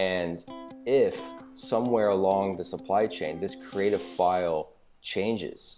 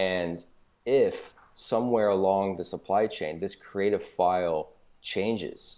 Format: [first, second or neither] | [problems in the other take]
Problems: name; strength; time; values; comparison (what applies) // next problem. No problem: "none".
second | background sound (Electric guitar + Fire); 17 dB below the speech